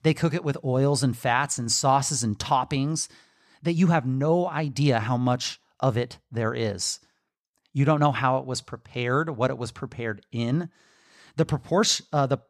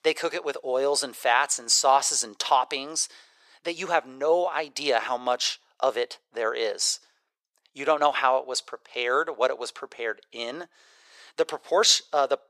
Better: first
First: none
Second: thin; very; fading below 450 Hz

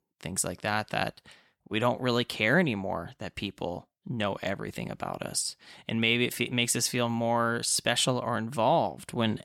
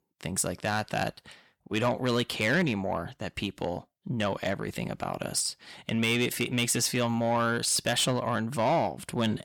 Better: first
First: none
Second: distortion; slight; 10 dB below the speech

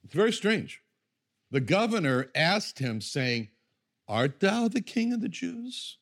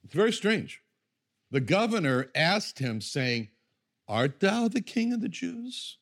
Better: neither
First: none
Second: none

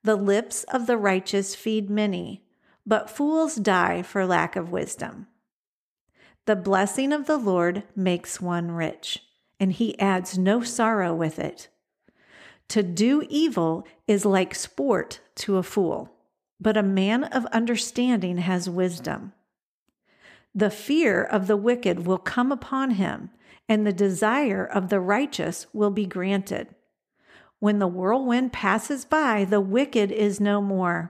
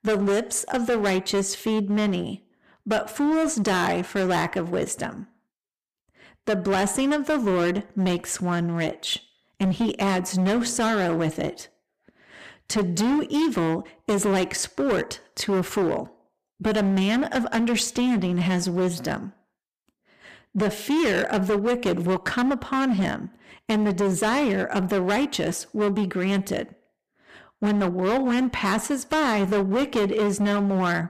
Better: first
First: none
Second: distortion; heavy; 17% of the sound clipped

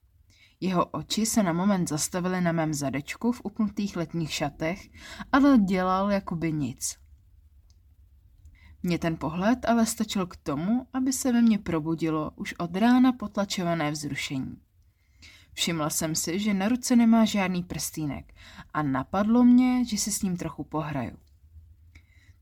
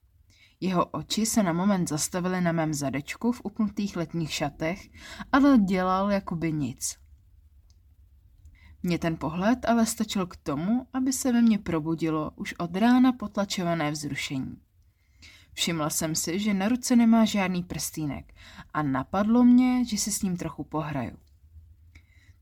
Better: neither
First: none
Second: none

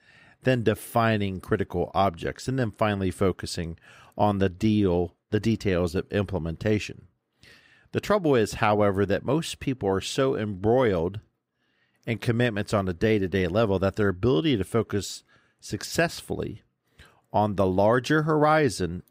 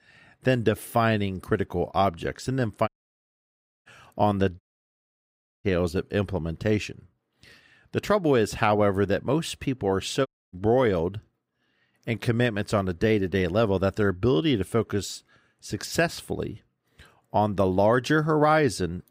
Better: first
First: none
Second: audio cutting out; at 3 s for 1 s, at 4.5 s for 1 s and at 10 s

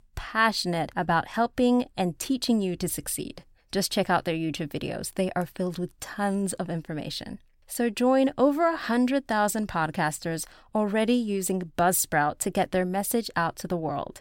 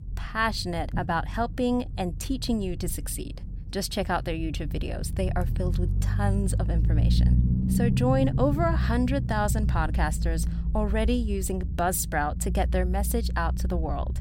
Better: first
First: none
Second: low rumble; noticeable; throughout; 10 dB below the speech

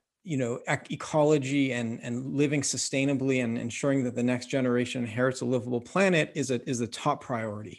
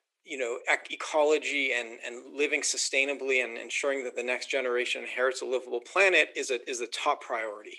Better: first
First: none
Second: thin; very; fading below 350 Hz

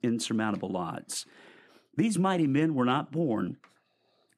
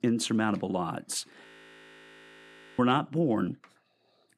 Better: first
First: none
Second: audio freezing; at 1.5 s for 1.5 s

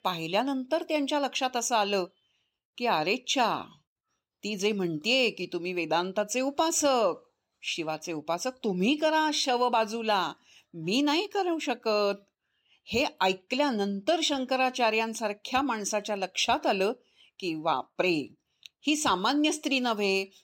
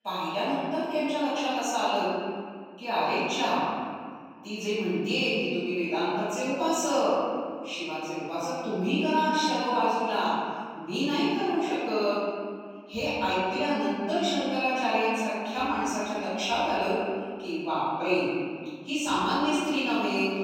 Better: first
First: none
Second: room echo; strong; dies away in 2 s // off-mic speech; far

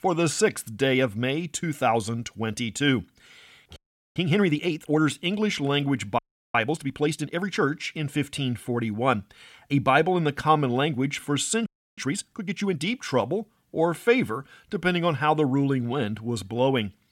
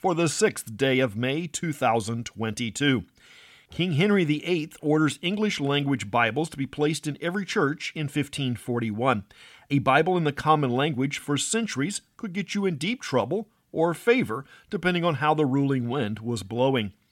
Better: second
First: audio freezing; at 4 s, at 6 s and at 12 s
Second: none

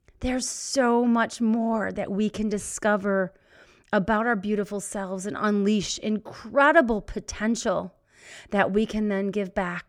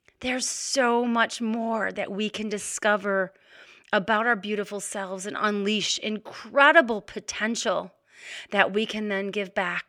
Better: first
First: none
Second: thin; very slightly; fading below 350 Hz

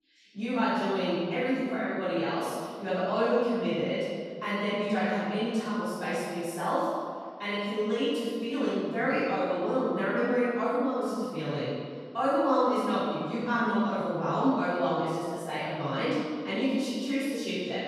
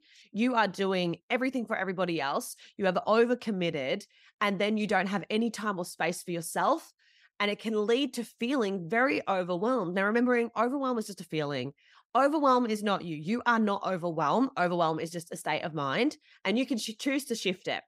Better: second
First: room echo; strong; dies away in 1.8 s // off-mic speech; far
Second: none

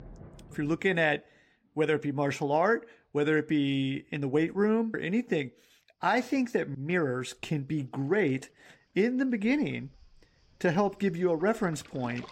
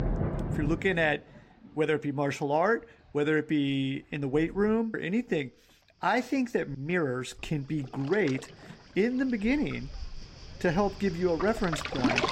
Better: first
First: rain or running water; faint; throughout; 25 dB below the speech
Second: rain or running water; loud; throughout; 8 dB below the speech

